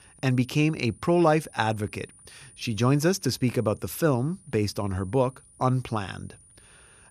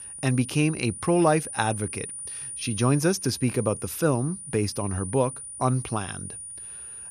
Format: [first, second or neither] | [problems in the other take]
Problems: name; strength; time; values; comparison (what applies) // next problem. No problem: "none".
first | high-pitched whine; loud; throughout; 9.5 kHz, 9 dB below the speech; faint in the first